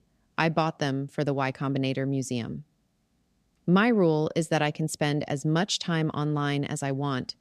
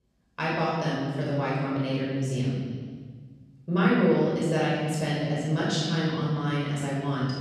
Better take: first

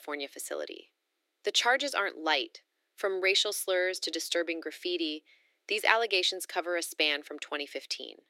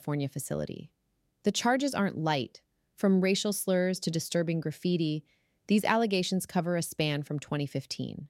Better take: second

